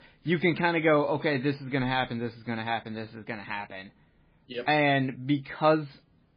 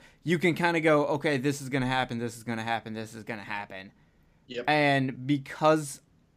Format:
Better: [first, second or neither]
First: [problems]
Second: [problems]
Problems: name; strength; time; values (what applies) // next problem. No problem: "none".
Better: second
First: garbled, watery; badly; nothing above 4 kHz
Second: none